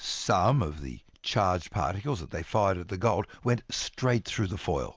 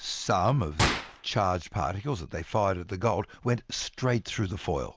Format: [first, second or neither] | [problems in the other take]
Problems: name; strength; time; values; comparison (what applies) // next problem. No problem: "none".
first | background sound (Gunshot, gunfire); 6 dB below the speech